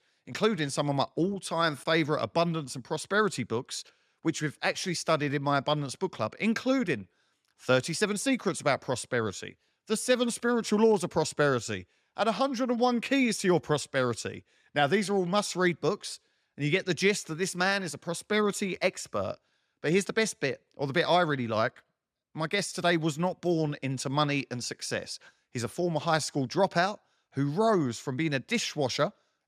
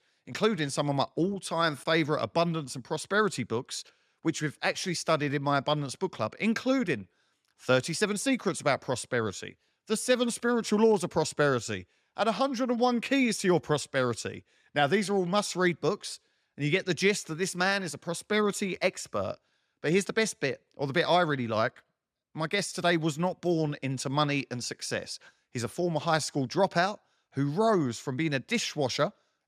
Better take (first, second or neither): neither